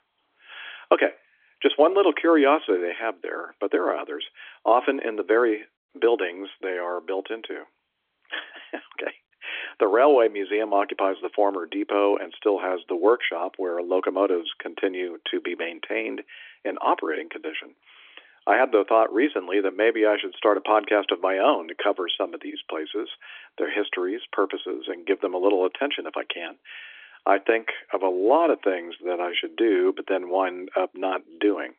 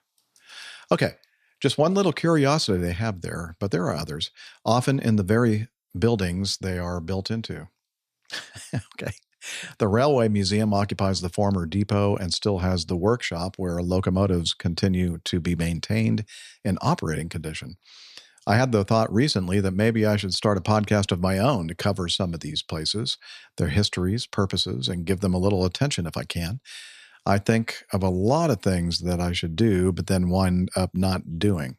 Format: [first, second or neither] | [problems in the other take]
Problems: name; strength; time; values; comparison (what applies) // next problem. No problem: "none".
second | phone-call audio; nothing above 3.5 kHz